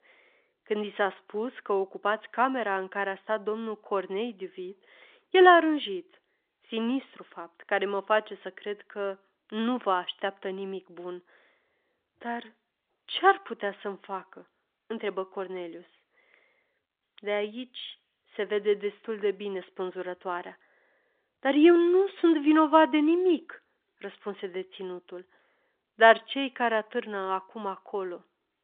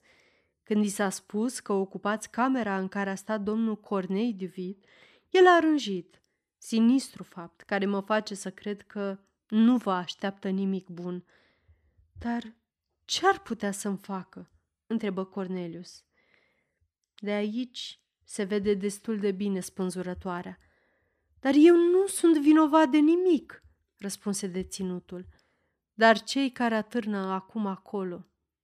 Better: second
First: phone-call audio; nothing above 3 kHz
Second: none

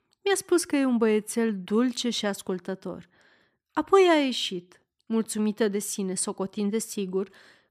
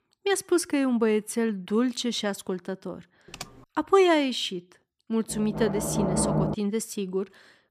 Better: first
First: none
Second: keyboard typing; faint; at 3.5 s; peak 15 dB below the speech // door banging; loud; from 5.5 to 6.5 s; peak 1 dB above the speech

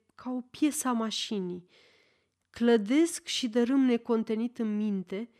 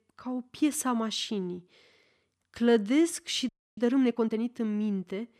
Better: first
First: none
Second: audio freezing; at 3.5 s

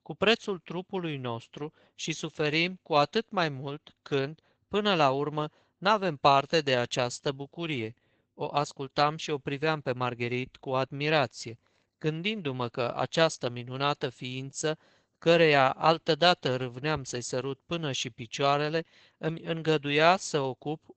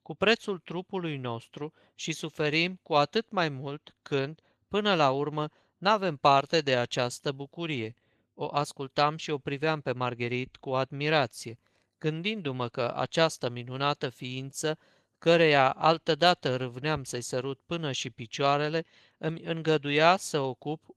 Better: second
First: garbled, watery; badly; nothing above 8 kHz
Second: garbled, watery; slightly; nothing above 14 kHz

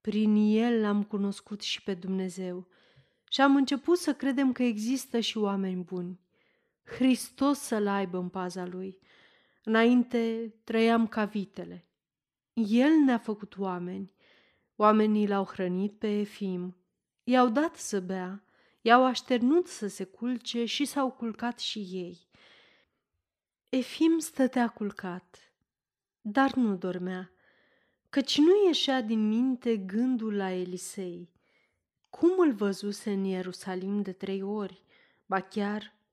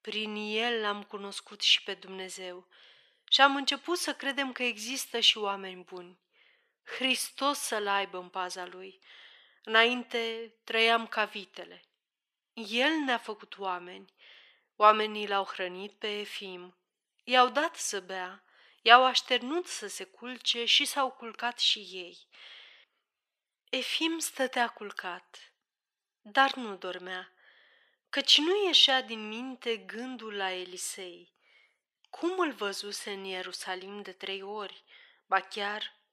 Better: first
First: none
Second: thin; very; fading below 650 Hz

